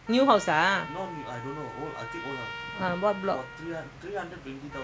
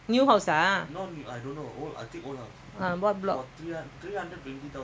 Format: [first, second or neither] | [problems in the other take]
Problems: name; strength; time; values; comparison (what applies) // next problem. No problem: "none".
second | background sound (Trumpet); 12 dB below the speech